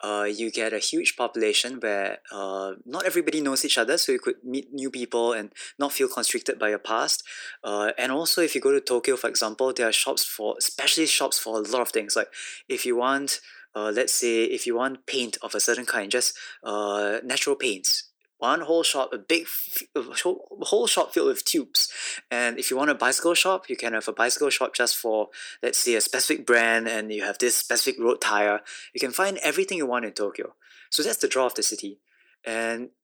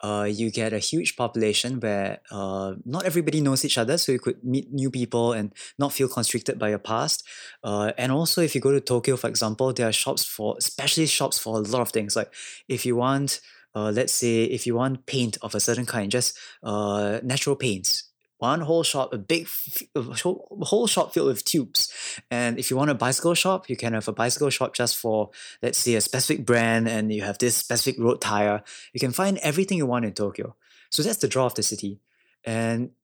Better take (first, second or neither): second